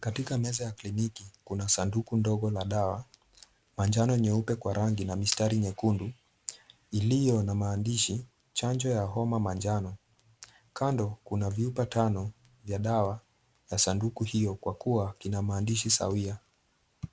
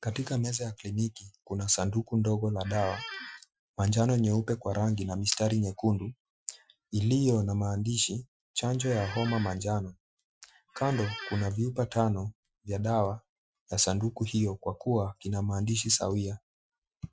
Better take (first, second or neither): first